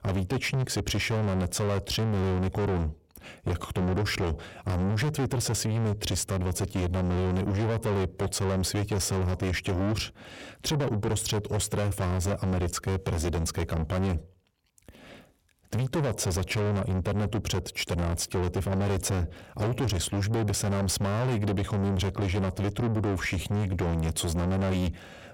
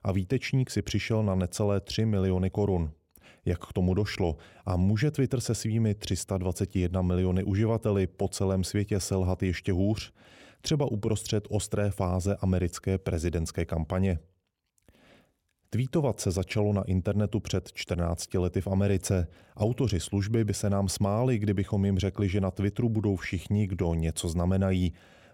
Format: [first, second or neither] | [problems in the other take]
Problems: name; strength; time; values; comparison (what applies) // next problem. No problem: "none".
second | distortion; heavy; 6 dB below the speech